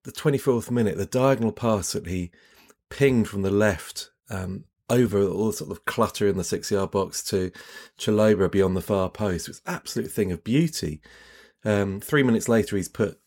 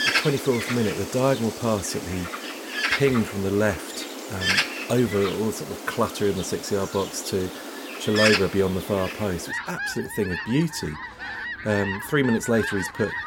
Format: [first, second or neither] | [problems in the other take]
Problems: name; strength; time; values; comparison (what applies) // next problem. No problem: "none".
first | animal sounds; loud; throughout; 4 dB below the speech